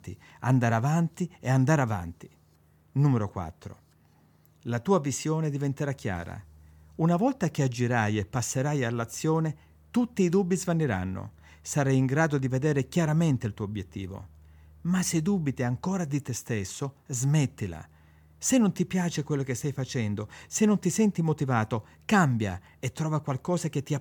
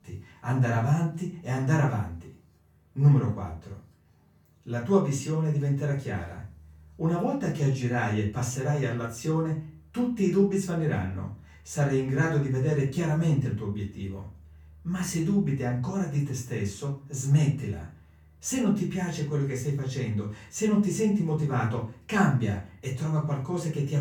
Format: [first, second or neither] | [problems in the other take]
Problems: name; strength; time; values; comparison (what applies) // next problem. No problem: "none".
first | room echo; slight; dies away in 0.3 s // off-mic speech; far